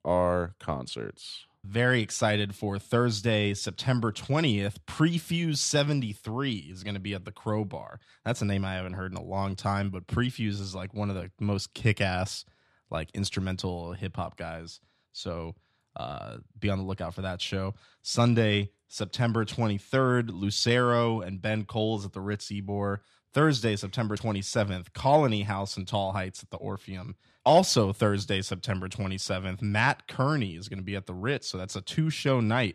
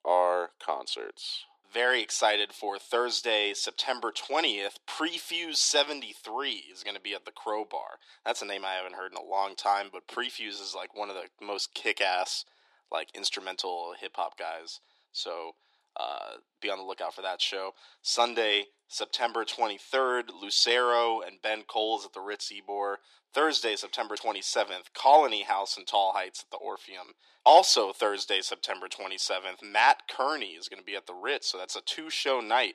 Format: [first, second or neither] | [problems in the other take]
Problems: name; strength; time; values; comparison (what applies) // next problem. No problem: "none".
first | thin; very; fading below 350 Hz